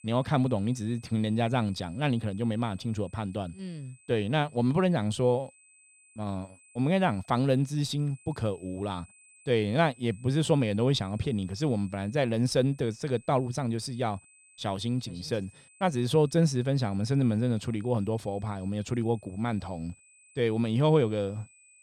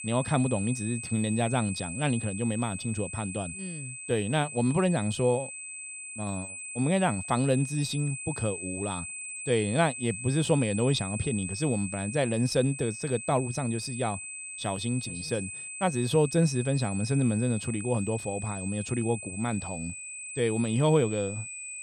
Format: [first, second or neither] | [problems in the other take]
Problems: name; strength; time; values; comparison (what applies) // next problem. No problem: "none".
first | high-pitched whine; loud; throughout; 8 kHz, 8 dB below the speech; faint in the first